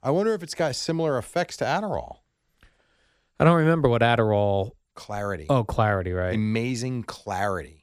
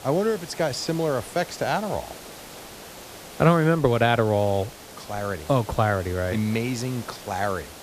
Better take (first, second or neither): first